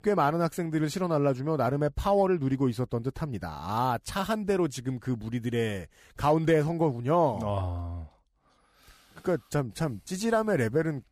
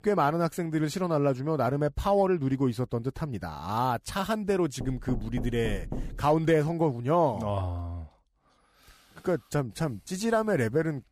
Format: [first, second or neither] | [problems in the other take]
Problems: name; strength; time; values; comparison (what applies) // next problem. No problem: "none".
first | door banging; noticeable; from 5 to 6.5 s; peak 8 dB below the speech